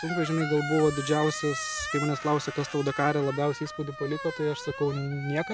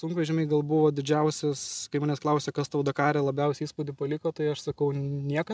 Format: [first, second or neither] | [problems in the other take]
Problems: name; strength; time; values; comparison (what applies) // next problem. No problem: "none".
second | background sound (Squeak); 9 dB below the speech